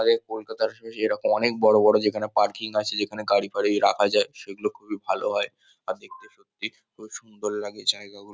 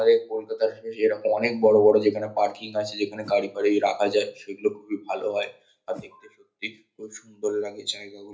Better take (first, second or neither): first